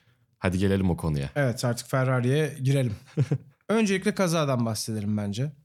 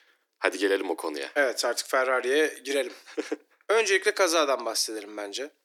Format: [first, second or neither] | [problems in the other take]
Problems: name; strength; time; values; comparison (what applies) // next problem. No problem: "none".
first | thin; very; fading below 300 Hz